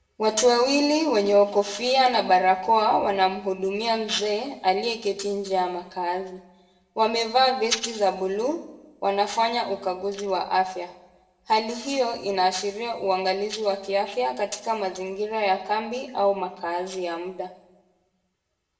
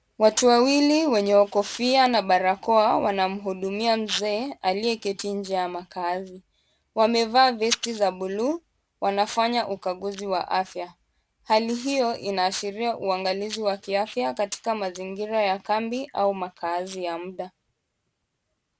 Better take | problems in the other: second | room echo; dies away in 0.7 s

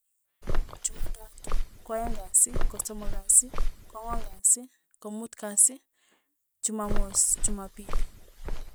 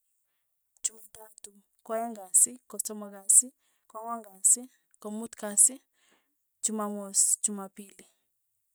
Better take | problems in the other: second | background sound (Walk, footsteps); 3 dB above the speech

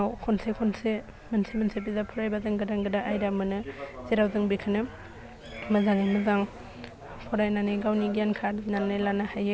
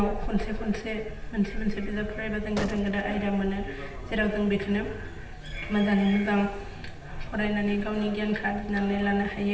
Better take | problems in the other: first | background sound (Gunshot, gunfire); 14 dB below the speech // room echo; dies away in 0.8 s

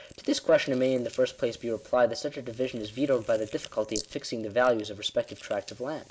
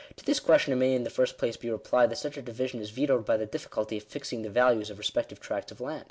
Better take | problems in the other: second | noise reduction (neural mask model Resemble Enhance denoiser)

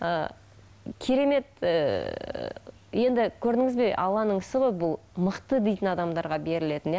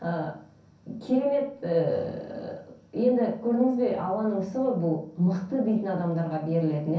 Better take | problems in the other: first | room echo; dies away in 0.6 s

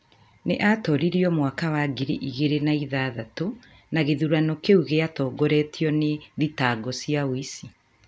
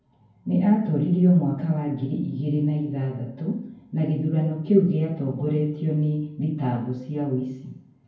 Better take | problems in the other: first | room echo; dies away in 0.9 s

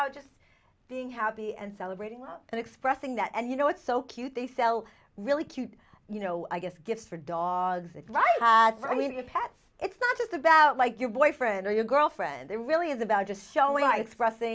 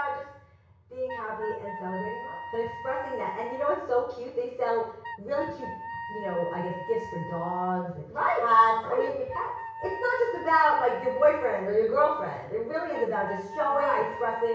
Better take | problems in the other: first | background sound (Wind instrument, woodwind instrument); 13 dB below the speech // room echo; dies away in 0.6 s

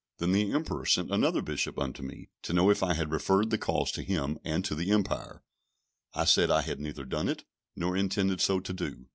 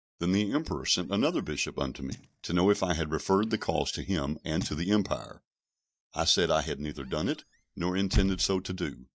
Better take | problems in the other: first | noise reduction (neural mask model DeepFilterNet 3)

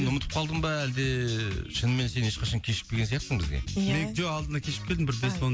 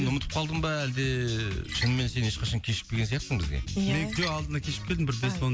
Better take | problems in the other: first | background sound (Splash, splatter); 13 dB below the speech

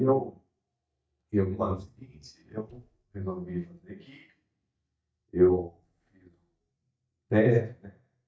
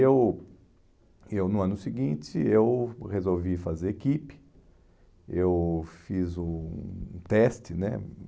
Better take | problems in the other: second | noise reduction (neural mask model DeepFilterNet 3)

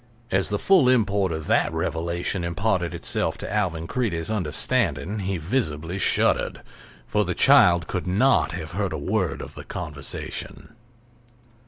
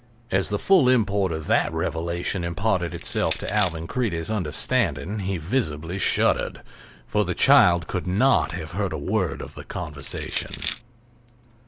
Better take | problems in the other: first | background sound (Crushing); 11 dB below the speech

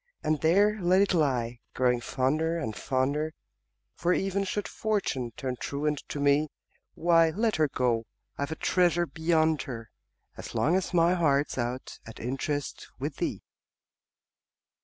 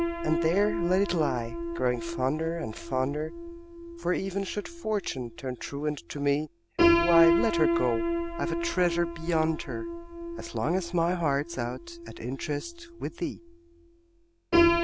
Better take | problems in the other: first | background sound (Piano); as loud as the speech

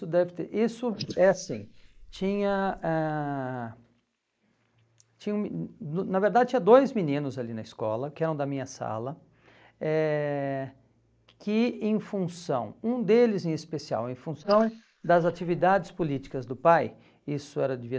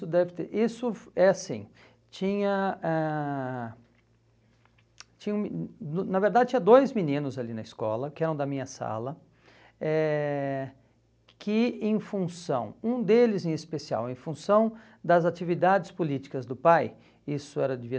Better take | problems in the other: second | noise reduction (neural mask model Resemble Enhance denoiser)

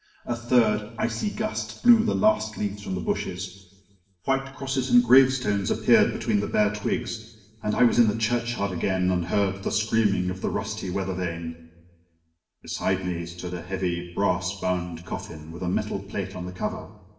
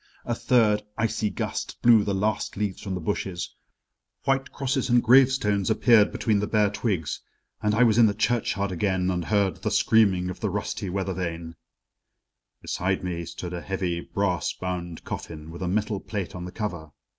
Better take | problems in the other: second | room echo; dies away in 1 s

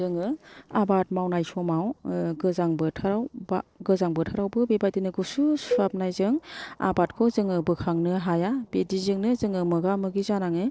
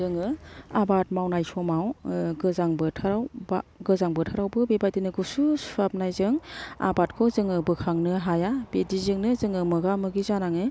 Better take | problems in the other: second | noise reduction (neural separator model SepFormer DNS4)

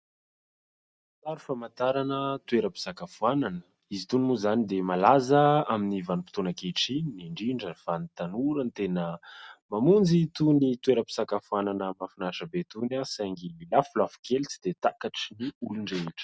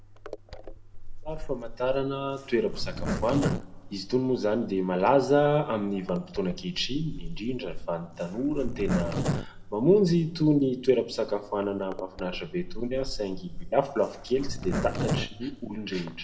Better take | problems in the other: first | background sound (Zipper (clothing)); 7 dB below the speech // room echo; dies away in 1 s

